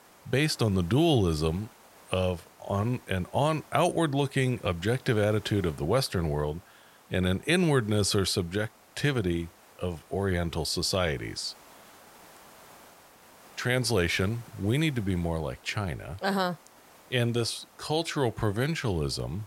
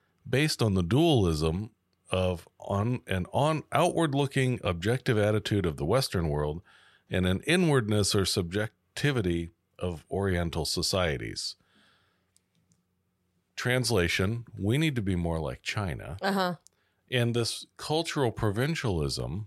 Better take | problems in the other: second | hiss; faint; throughout; 25 dB below the speech

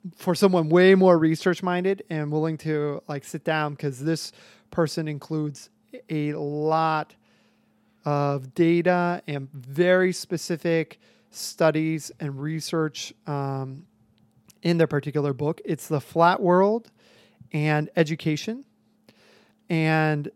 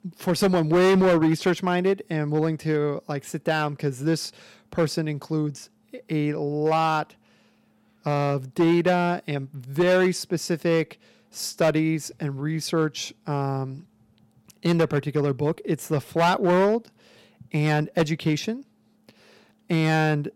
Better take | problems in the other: first | distortion; slight; 5% of the sound clipped

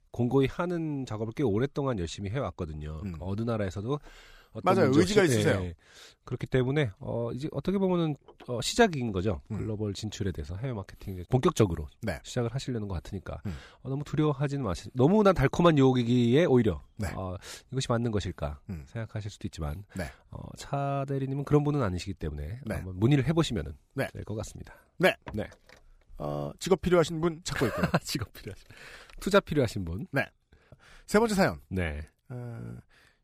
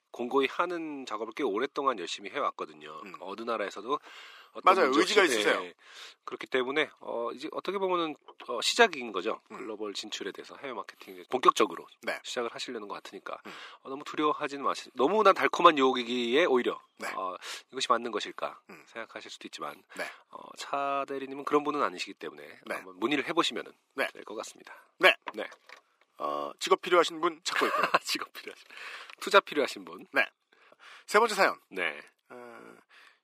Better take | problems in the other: first | thin; very; fading below 300 Hz

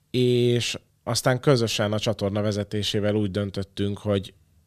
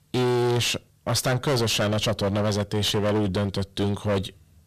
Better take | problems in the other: first | distortion; heavy; 24% of the sound clipped

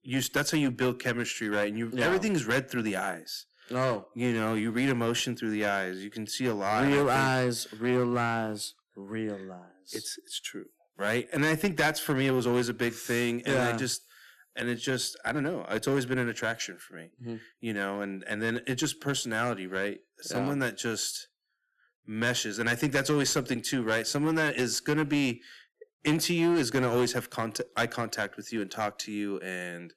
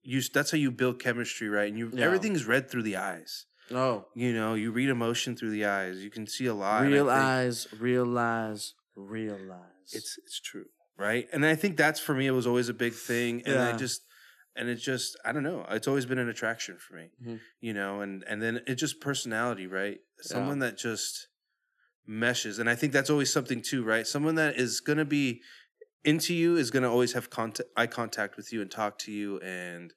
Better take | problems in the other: second | distortion; slight; 6% of the sound clipped

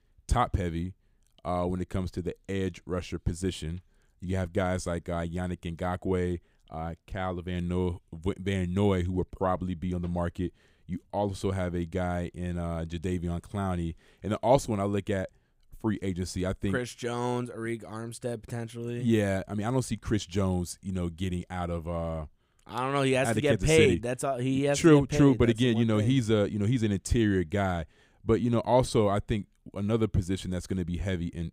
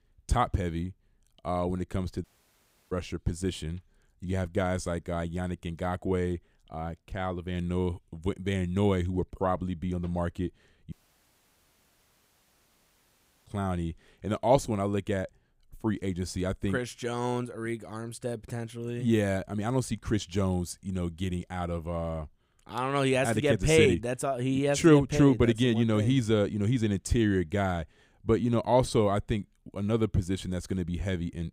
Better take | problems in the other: first | audio cutting out; at 2 s for 0.5 s and at 11 s for 2.5 s

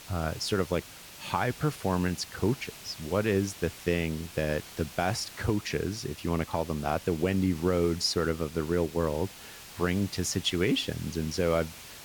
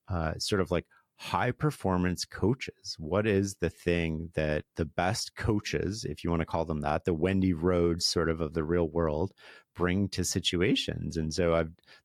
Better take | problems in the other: second | hiss; noticeable; throughout; 15 dB below the speech

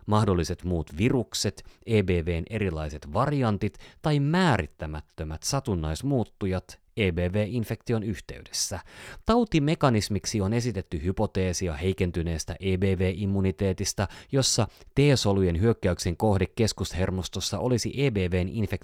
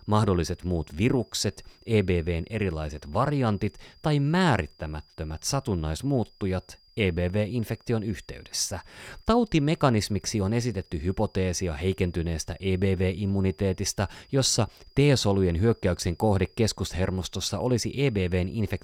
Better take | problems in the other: first | high-pitched whine; faint; throughout; 5 kHz, 30 dB below the speech

